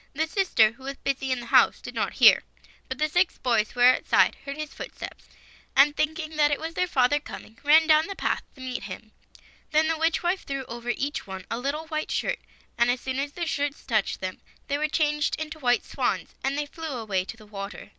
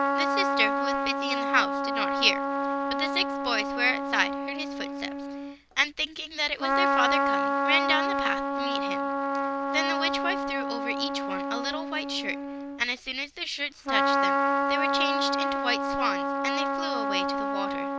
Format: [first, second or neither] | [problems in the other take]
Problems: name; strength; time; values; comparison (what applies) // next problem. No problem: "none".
first | background sound (Trumpet); 3 dB above the speech